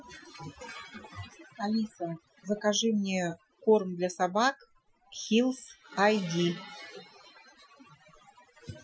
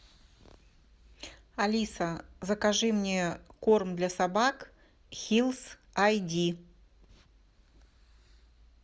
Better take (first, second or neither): second